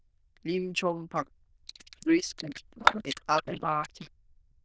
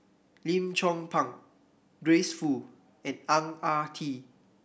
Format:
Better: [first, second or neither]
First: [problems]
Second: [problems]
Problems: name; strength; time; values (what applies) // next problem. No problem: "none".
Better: second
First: noise reduction (neural diffusion model UNIVERSE++)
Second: none